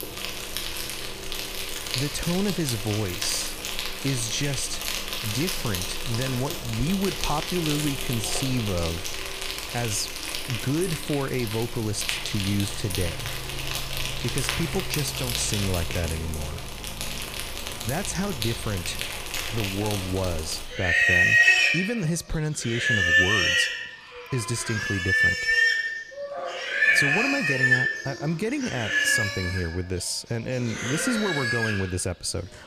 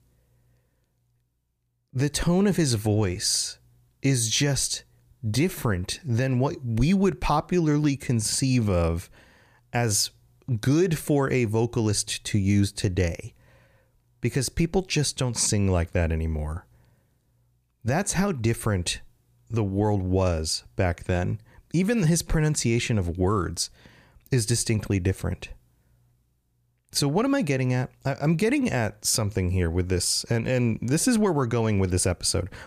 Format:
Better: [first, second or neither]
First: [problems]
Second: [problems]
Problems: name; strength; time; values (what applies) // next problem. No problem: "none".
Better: second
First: animal sounds; very loud; throughout; 3 dB above the speech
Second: none